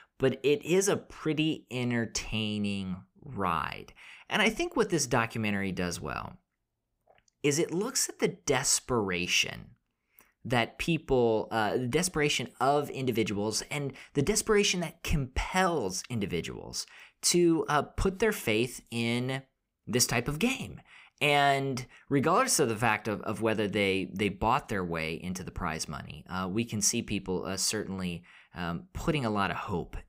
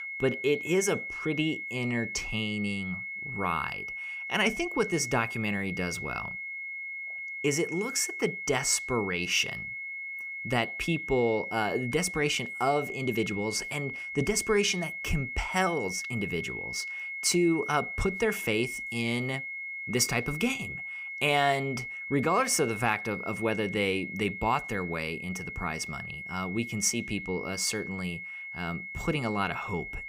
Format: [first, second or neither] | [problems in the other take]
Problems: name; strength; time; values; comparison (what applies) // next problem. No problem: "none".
first | high-pitched whine; loud; throughout; 2 kHz, 6 dB below the speech